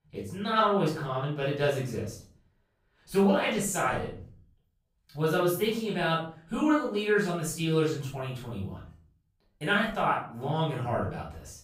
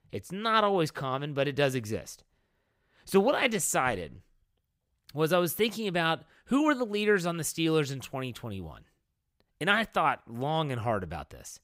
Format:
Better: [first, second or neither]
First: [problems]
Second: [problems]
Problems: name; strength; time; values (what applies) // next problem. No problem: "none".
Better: second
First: off-mic speech; far // room echo; noticeable; dies away in 0.4 s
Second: none